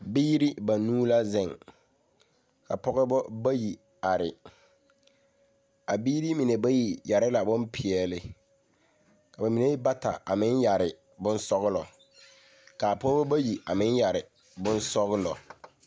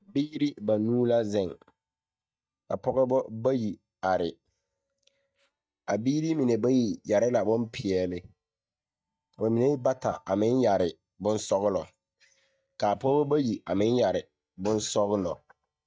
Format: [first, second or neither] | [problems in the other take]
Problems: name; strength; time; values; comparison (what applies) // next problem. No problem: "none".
first | noise reduction (neural mask model DeepFilterNet 3)